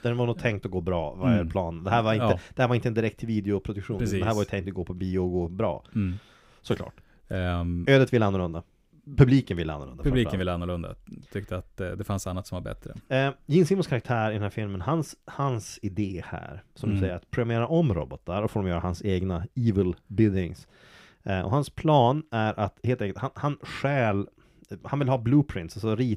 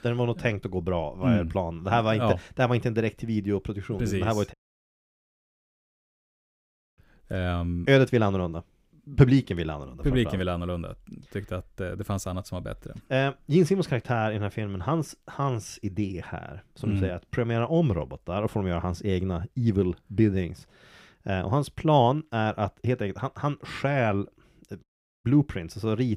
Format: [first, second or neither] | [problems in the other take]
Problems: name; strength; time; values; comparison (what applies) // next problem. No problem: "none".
first | audio cutting out; at 4.5 s for 2.5 s and at 25 s